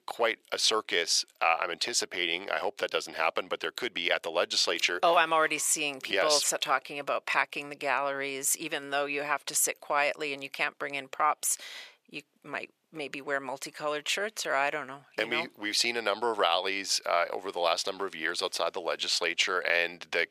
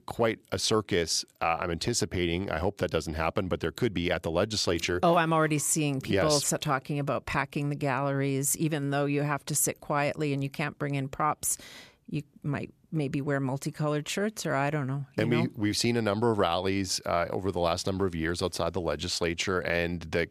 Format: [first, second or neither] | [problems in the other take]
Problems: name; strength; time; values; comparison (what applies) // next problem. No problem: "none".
second | thin; very; fading below 600 Hz